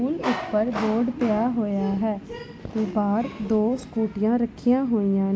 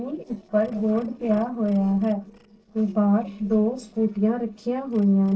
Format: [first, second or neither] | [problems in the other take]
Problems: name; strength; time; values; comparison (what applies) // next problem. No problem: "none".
first | noise reduction (neural separator model SepFormer DNS4)